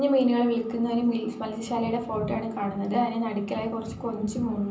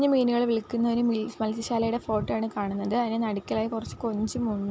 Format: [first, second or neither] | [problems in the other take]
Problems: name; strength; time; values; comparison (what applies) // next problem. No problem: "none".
second | room echo; dies away in 0.6 s